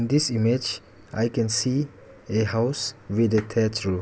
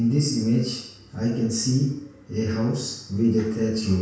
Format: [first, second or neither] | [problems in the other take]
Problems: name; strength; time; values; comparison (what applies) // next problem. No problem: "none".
first | room echo; dies away in 0.6 s